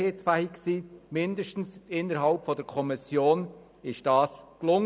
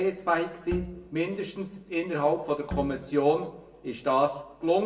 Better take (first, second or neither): first